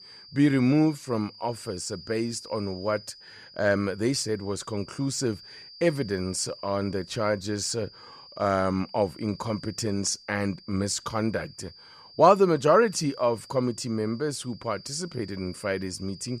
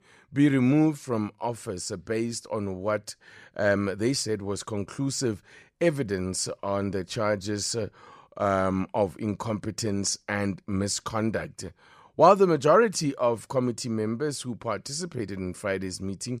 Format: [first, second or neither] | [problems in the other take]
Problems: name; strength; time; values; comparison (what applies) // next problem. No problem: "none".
second | high-pitched whine; noticeable; throughout; 4.5 kHz, 20 dB below the speech